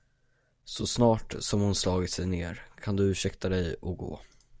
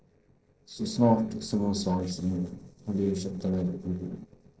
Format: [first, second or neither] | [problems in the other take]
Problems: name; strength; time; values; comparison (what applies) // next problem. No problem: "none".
first | noise reduction (neural separator model SepFormer DNS4)